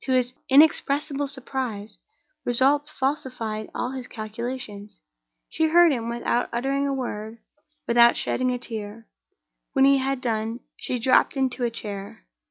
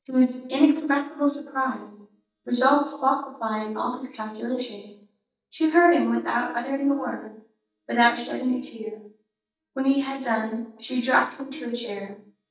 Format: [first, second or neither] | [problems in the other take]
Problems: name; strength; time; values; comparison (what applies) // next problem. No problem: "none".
first | noise reduction (neural mask model DeepFilterNet 3)